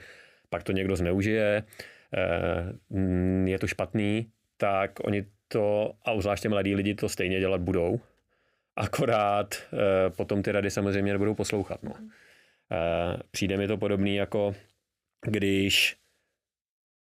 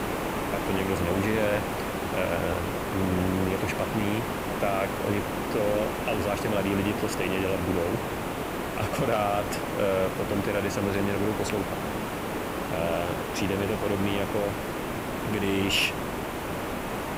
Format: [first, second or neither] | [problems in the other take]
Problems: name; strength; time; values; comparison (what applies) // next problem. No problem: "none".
first | hiss; loud; throughout; 2 dB below the speech